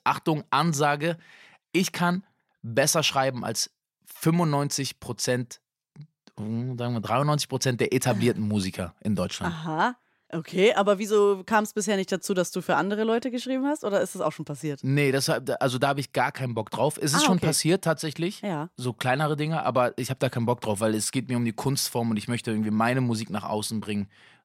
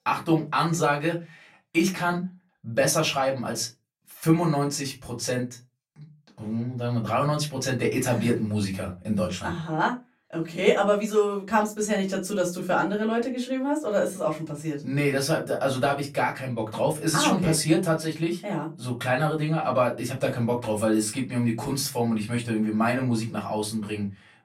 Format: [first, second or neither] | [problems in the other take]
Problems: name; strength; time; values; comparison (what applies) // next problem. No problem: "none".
first | off-mic speech; far // room echo; very slight; dies away in 0.2 s